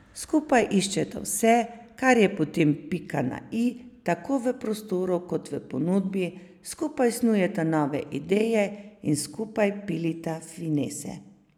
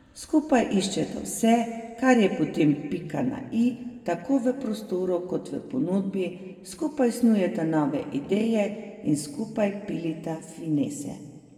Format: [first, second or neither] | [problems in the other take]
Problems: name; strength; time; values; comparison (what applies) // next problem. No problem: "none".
first | room echo; dies away in 1.6 s